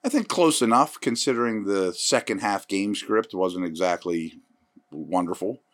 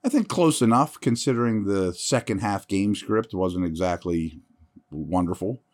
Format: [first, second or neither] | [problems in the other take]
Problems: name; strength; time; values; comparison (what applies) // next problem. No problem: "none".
second | thin; very slightly; fading below 300 Hz